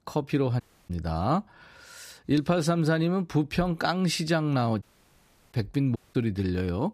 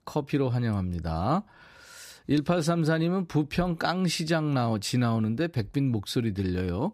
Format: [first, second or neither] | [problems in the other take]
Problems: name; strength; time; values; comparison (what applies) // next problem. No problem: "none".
second | audio cutting out; at 0.5 s, at 5 s for 0.5 s and at 6 s